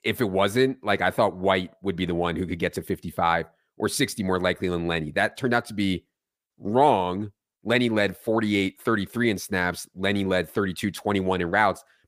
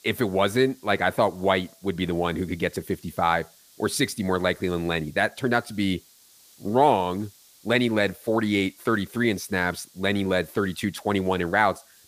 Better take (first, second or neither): first